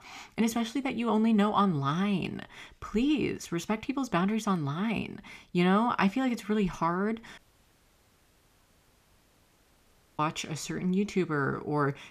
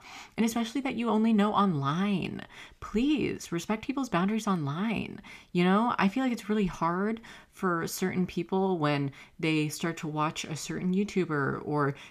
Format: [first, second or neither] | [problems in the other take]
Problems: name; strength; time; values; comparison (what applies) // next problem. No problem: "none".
second | audio cutting out; at 7.5 s for 3 s